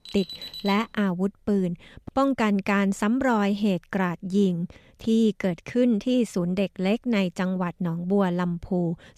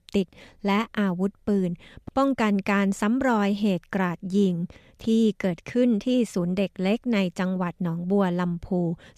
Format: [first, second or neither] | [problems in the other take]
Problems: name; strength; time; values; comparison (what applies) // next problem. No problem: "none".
second | alarm; noticeable; at the start; peak 10 dB below the speech